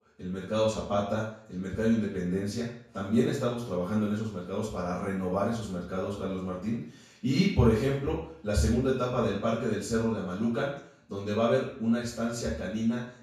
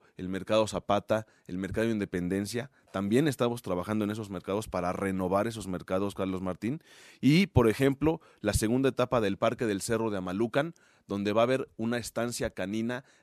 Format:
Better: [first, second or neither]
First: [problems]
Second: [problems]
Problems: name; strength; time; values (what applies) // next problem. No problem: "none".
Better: second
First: room echo; noticeable; dies away in 0.5 s // off-mic speech; far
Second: none